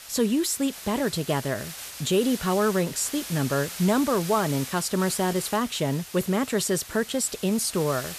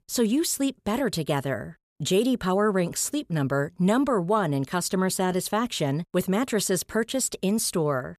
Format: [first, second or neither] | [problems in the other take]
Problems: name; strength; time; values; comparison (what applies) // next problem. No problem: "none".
second | hiss; noticeable; throughout; 10 dB below the speech